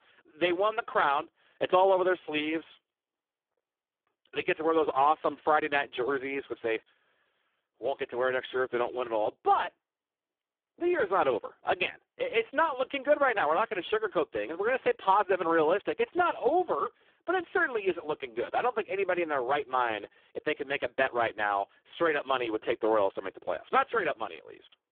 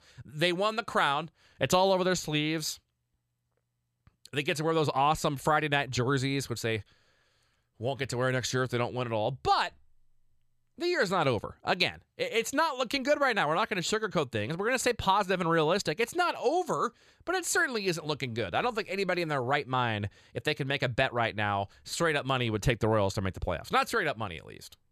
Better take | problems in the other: second | phone-call audio; poor line

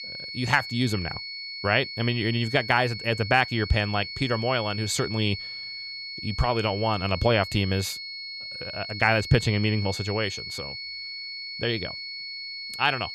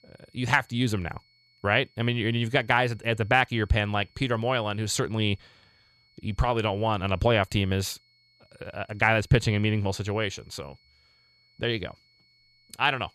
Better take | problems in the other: second | high-pitched whine; loud; throughout; 4.5 kHz, 8 dB below the speech; faint in the second

